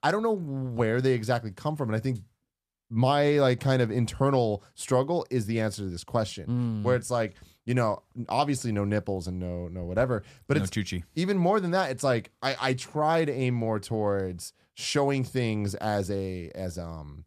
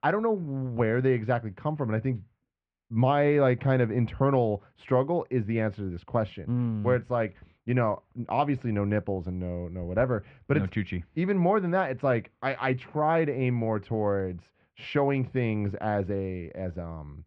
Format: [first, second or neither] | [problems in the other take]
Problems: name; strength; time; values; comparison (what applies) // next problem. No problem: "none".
first | muffled; very; fading above 2.5 kHz